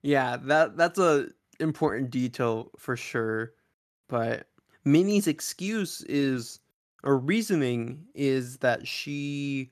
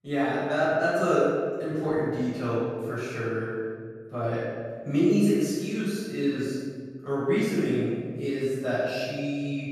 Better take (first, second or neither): first